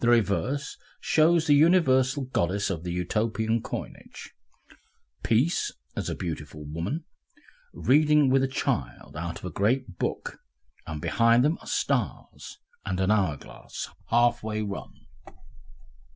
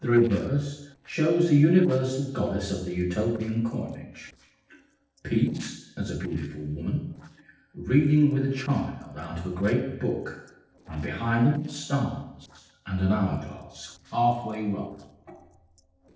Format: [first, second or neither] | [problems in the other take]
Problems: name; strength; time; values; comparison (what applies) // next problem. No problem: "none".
first | noise reduction (neural separator model SepFormer DNS4)